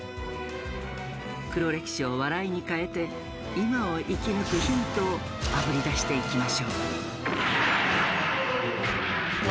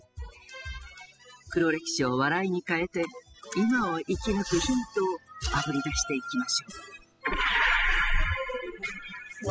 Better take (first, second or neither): first